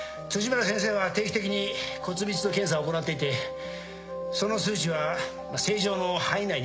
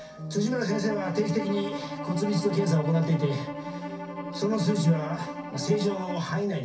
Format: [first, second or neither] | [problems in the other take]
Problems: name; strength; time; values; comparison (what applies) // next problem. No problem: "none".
first | background sound (Bowed string instrument); 9 dB below the speech // room echo; dies away in 0.3 s